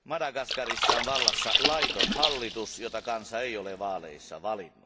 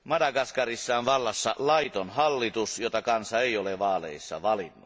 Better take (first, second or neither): second